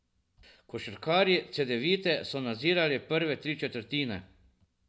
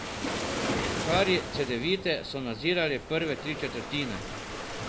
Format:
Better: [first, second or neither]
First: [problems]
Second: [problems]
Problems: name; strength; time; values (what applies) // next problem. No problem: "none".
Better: first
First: none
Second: background sound (Waves, surf); 4 dB below the speech